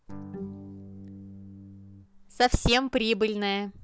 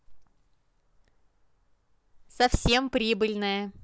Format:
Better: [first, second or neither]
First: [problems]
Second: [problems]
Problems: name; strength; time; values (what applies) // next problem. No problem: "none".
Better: second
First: background sound (Electric guitar / Strum + Bowed string instrument); 14 dB below the speech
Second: none